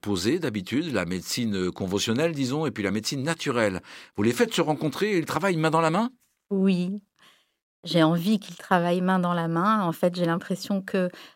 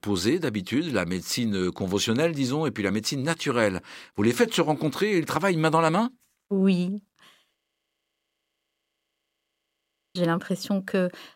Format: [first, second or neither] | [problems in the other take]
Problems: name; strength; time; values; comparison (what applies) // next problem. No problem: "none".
first | audio freezing; at 7.5 s for 2.5 s